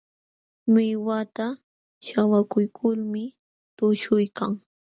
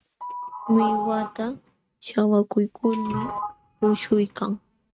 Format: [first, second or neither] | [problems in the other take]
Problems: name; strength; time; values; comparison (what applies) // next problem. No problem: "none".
first | noise reduction (neural mask model RNNoise)